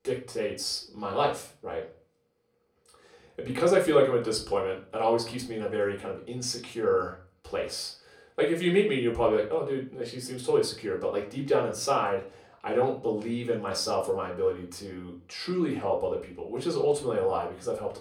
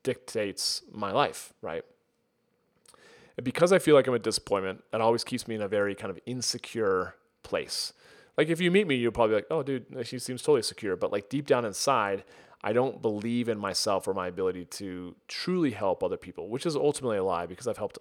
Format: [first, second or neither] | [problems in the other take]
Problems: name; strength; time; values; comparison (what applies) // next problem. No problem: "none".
second | room echo; slight; dies away in 0.3 s // off-mic speech; far